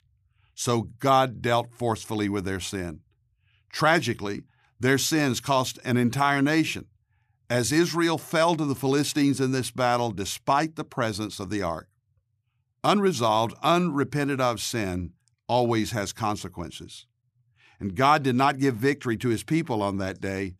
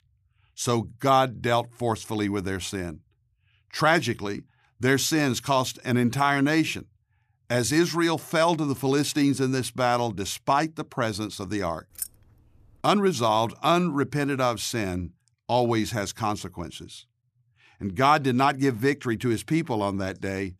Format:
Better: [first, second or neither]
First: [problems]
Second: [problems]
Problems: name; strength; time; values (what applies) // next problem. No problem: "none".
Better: first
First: none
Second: jangling keys; faint; at 12 s; peak 10 dB below the speech